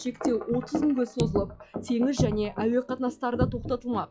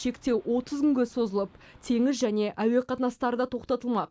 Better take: second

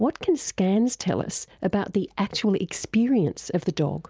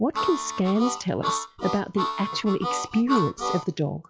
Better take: first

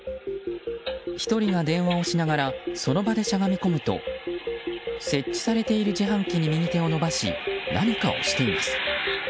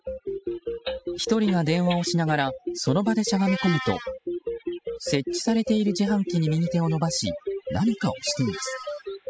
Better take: first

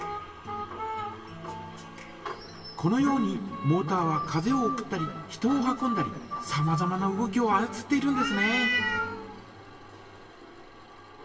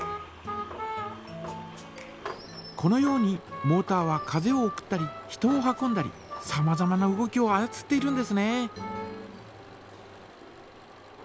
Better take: second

